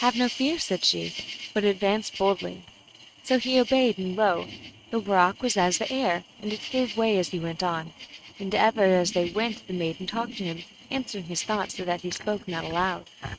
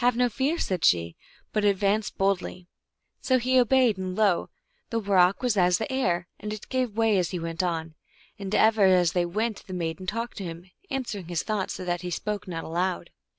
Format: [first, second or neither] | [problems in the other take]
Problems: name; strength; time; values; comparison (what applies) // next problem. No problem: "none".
second | noise reduction (neural mask model RNNoise)